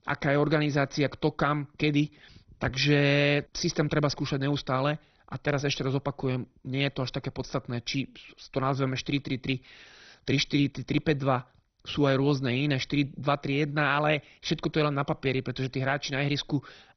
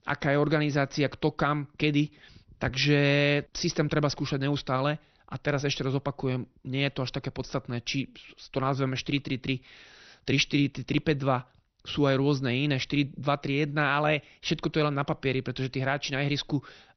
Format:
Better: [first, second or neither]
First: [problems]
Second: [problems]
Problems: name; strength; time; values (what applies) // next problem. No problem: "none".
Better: second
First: garbled, watery; badly; nothing above 6 kHz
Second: garbled, watery; slightly; nothing above 6 kHz